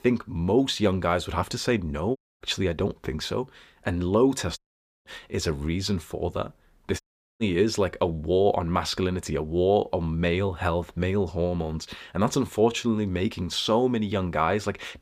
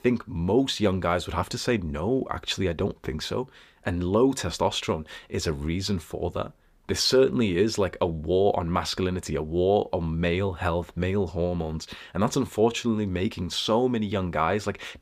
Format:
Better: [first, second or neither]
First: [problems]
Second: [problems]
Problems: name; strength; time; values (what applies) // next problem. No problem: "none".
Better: second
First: audio cutting out; at 2 s, at 4.5 s and at 7 s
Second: none